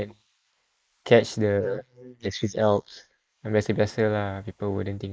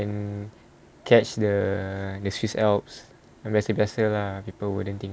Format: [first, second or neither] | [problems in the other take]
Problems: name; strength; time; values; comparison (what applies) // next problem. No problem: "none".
second | noise reduction (neural mask model Resemble Enhance denoiser)